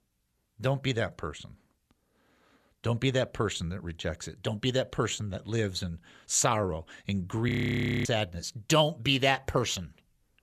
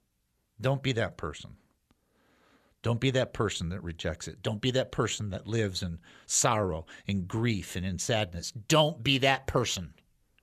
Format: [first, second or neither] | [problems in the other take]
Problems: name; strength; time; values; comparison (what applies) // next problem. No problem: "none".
second | audio freezing; at 7.5 s for 0.5 s